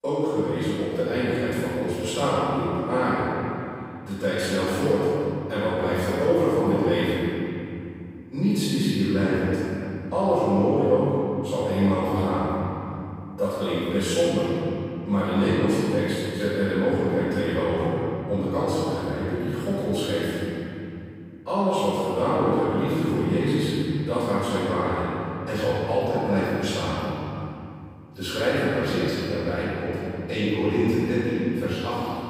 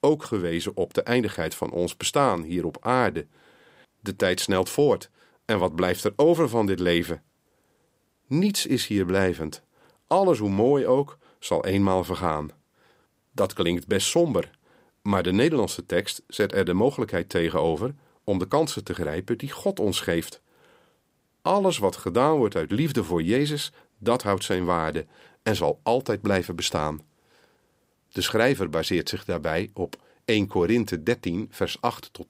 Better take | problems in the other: second | off-mic speech; far // room echo; strong; dies away in 3 s

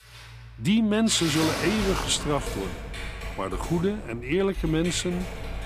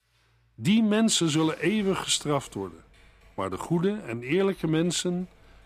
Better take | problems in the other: second | household noises; loud; throughout; 7 dB below the speech; faint in the second

